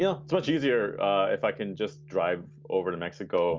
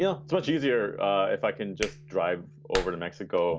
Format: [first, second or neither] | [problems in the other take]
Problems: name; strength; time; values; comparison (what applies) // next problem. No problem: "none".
first | background sound (Clapping); 12 dB below the speech